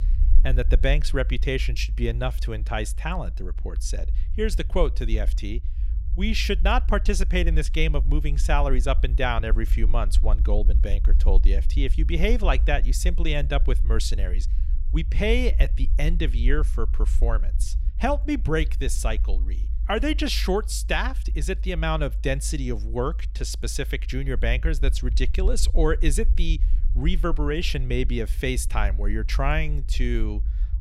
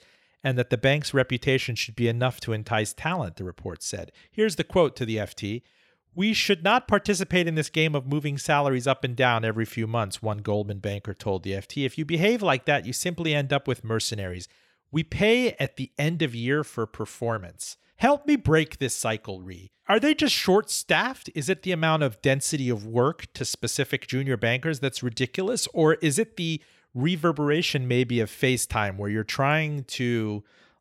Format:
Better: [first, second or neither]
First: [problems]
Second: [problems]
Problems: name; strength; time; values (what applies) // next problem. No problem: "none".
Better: second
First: low rumble; noticeable; throughout; 20 dB below the speech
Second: none